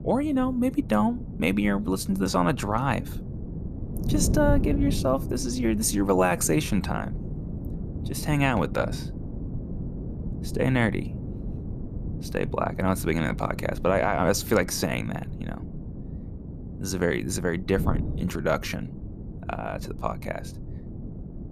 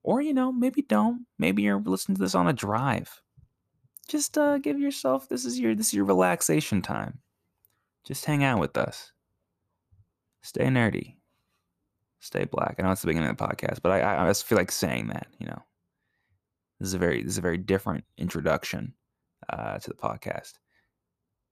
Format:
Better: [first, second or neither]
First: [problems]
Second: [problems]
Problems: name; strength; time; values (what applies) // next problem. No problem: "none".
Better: second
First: wind noise on the microphone; occasional gusts; 15 dB below the speech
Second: none